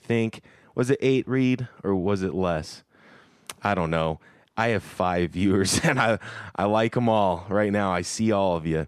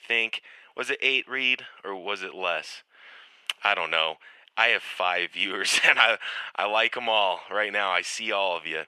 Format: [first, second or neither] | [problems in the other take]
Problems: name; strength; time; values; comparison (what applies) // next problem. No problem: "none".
first | thin; very; fading below 650 Hz